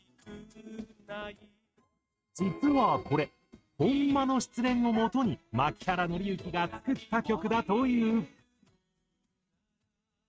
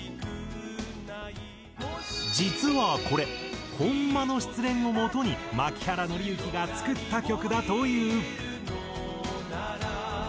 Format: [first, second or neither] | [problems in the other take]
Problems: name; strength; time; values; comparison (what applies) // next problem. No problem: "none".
second | noise reduction (neural mask model RNNoise)